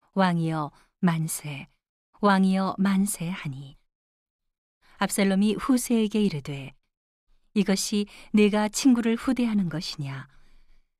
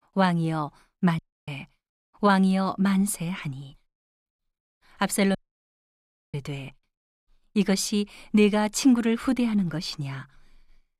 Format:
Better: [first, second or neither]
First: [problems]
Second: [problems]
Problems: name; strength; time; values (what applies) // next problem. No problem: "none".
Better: first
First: none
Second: audio cutting out; at 1 s and at 5.5 s for 1 s